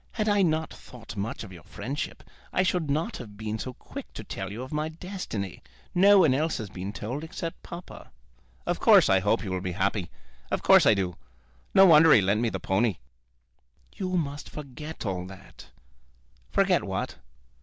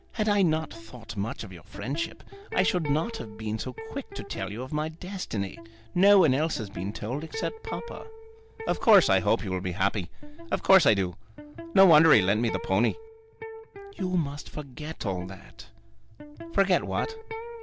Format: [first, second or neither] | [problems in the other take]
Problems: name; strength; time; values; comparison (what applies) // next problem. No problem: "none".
first | background sound (Electric guitar); 14 dB below the speech